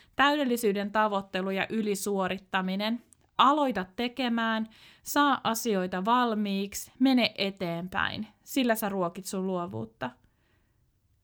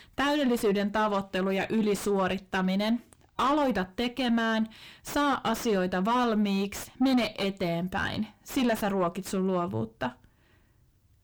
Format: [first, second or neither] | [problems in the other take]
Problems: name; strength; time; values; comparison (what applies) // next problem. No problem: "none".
first | distortion; heavy; 6 dB below the speech